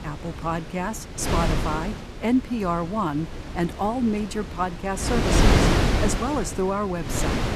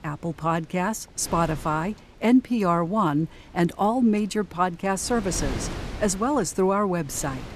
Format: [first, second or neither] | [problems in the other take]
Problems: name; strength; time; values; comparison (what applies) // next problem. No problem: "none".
second | wind noise on the microphone; heavy; 1 dB above the speech; occasional gusts in the second